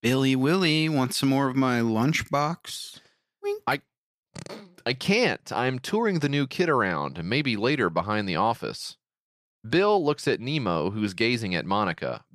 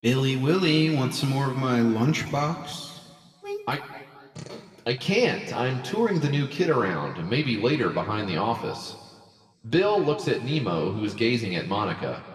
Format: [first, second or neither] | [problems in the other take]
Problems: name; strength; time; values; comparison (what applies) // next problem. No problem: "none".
first | room echo; slight; dies away in 1.7 s // off-mic speech; somewhat distant